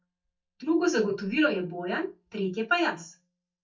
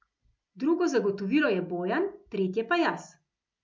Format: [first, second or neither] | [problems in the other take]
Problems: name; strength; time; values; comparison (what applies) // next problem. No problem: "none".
second | noise reduction (neural mask model DeepFilterNet 3)